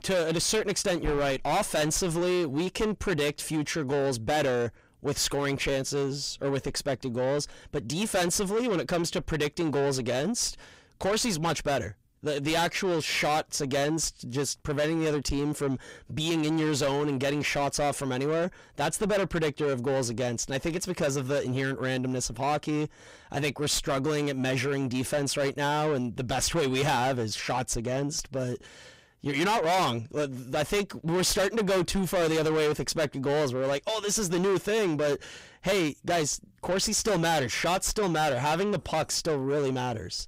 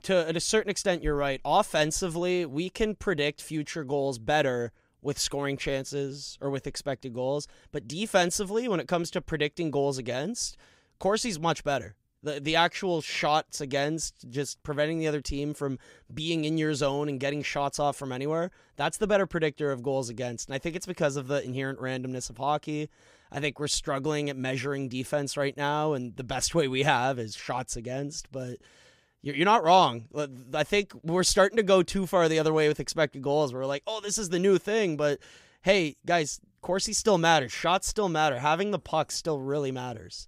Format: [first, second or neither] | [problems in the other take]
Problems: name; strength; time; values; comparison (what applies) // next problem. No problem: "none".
second | distortion; heavy; 6 dB below the speech